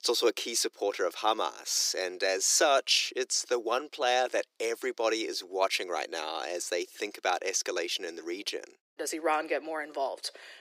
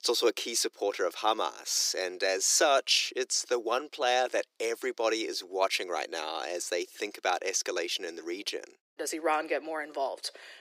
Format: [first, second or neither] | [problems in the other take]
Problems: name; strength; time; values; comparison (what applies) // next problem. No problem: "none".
neither | thin; very; fading below 350 Hz; the same in both